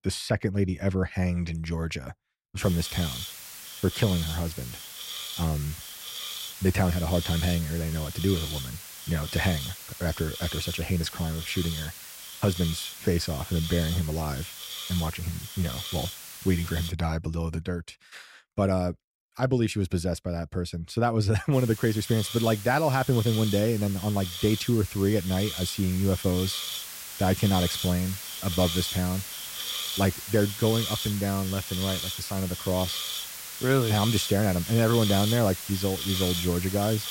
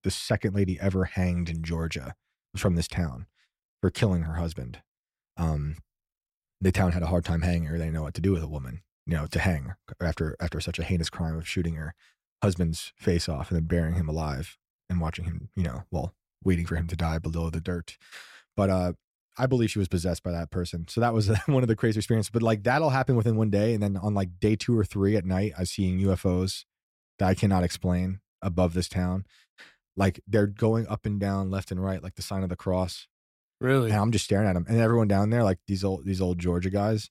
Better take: second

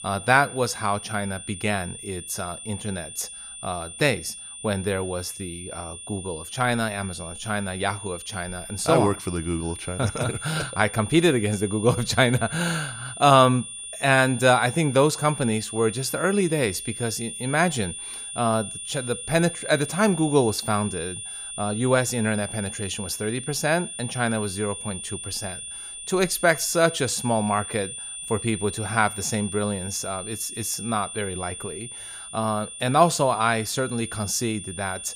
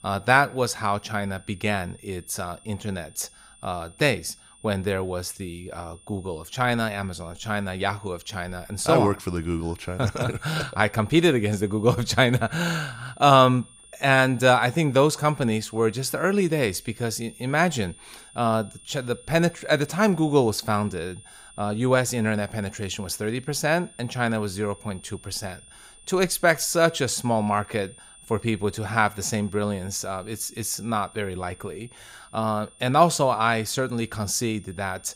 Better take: second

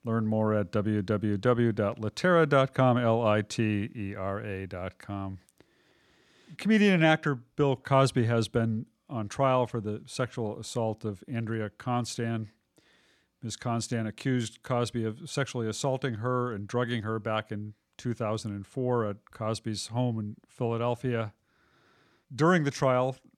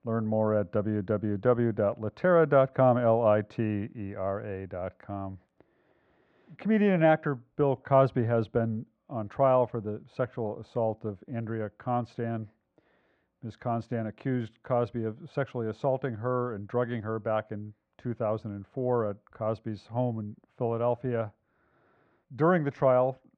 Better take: first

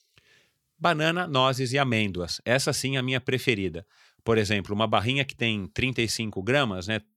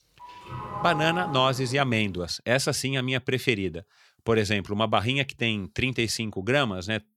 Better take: first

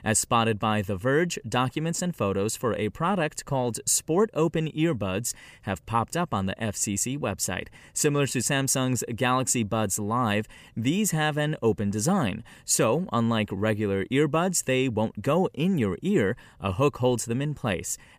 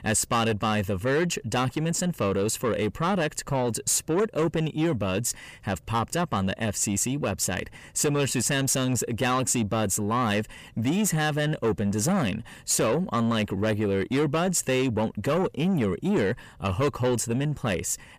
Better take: first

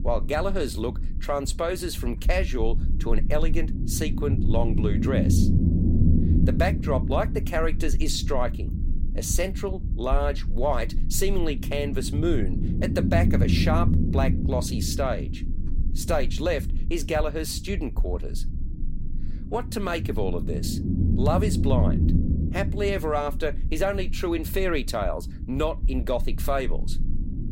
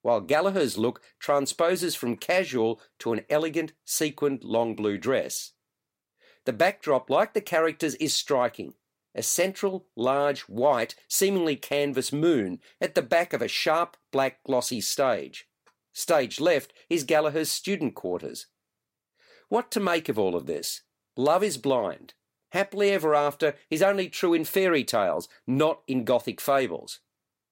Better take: second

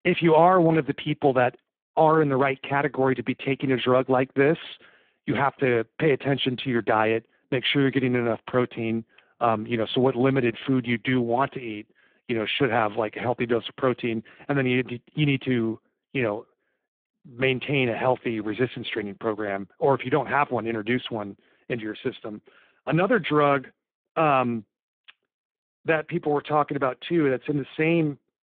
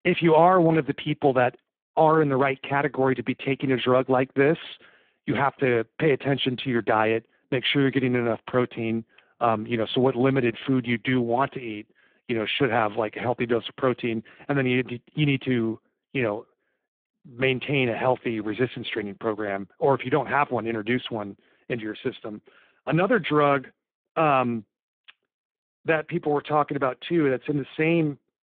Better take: neither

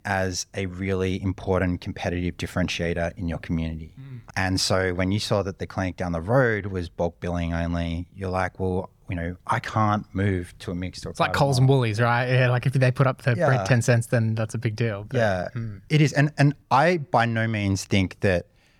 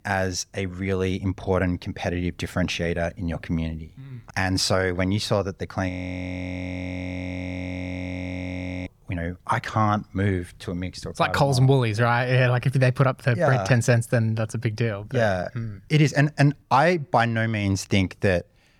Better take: first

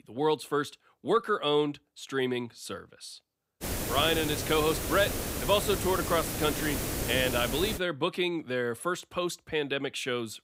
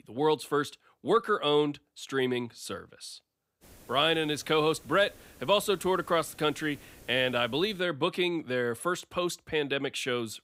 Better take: second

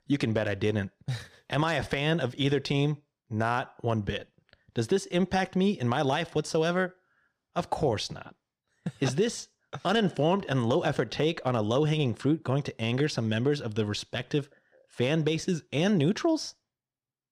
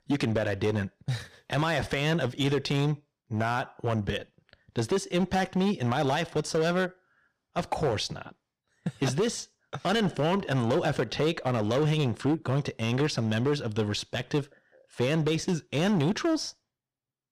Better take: first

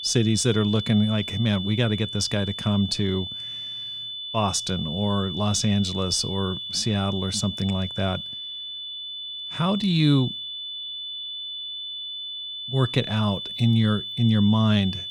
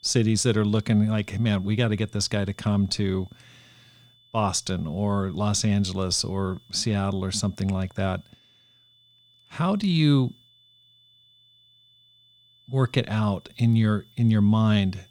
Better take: second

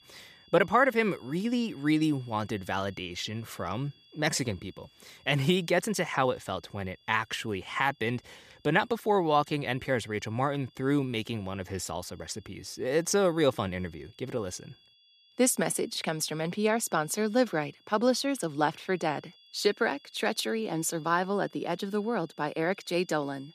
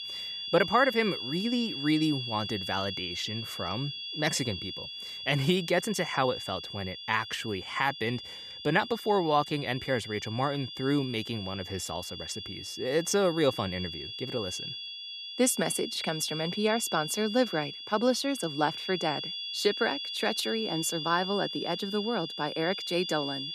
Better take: first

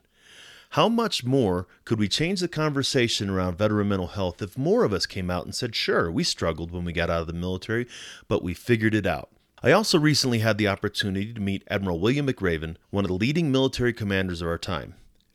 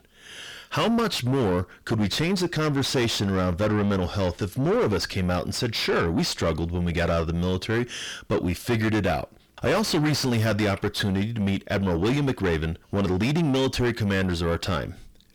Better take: first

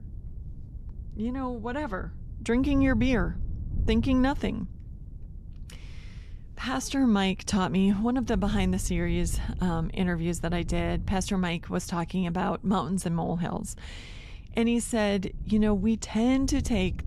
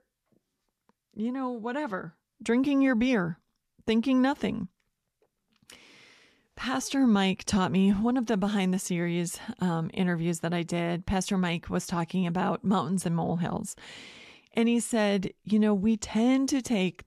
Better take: second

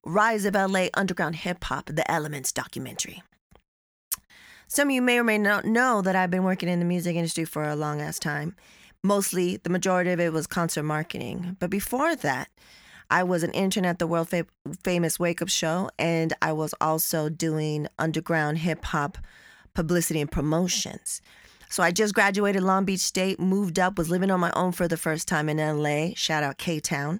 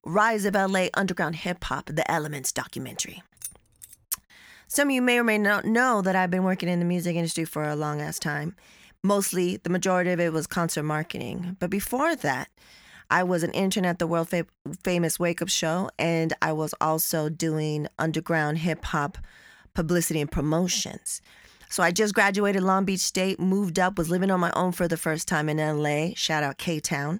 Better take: first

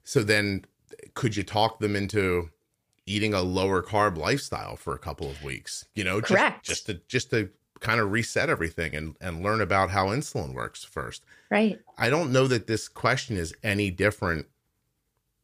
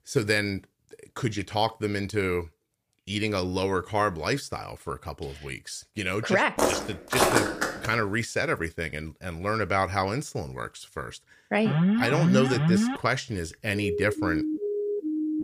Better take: first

